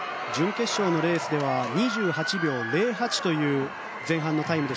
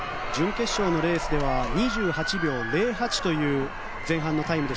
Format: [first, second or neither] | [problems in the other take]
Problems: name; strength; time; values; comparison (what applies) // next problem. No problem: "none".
first | background sound (Alarm); 9 dB below the speech